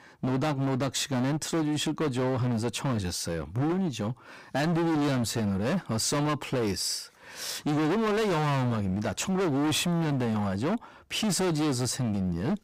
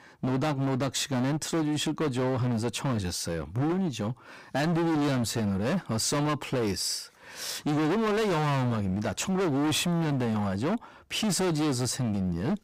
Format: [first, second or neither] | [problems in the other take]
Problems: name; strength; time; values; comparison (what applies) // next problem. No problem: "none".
neither | distortion; heavy; 30% of the sound clipped; the same in both